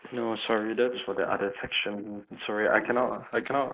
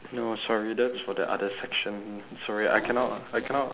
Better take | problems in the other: second | noise reduction (neural mask model Resemble Enhance denoiser)

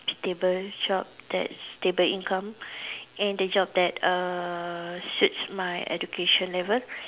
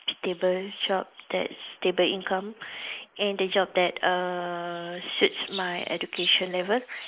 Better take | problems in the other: first | noise reduction (neural mask model Resemble Enhance denoiser)

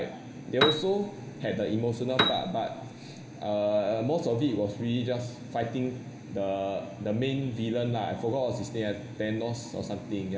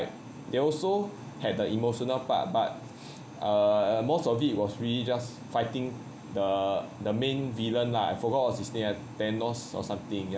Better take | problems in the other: second | background sound (Piano); 1 dB below the speech // room echo; dies away in 1.7 s

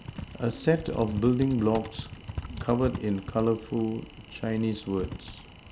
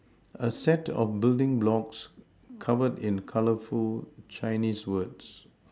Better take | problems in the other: second | background sound (Typing); 11 dB below the speech

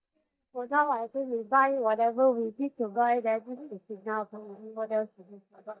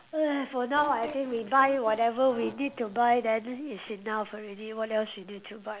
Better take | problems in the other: second | noise reduction (neural mask model DeepFilterNet 3)

